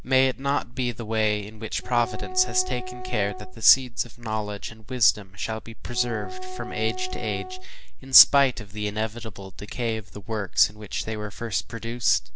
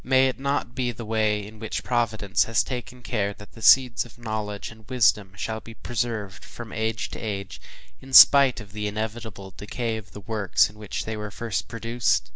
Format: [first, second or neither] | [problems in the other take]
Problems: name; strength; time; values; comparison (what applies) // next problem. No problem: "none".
second | background sound (Wind instrument, woodwind instrument); 14 dB below the speech